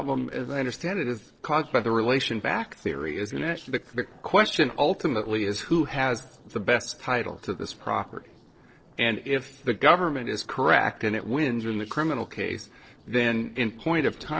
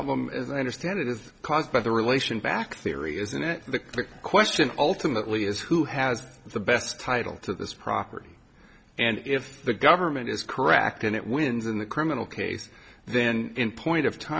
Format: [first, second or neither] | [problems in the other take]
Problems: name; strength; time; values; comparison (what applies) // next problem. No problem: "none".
second | noise reduction (neural separator model SepFormer DNS4)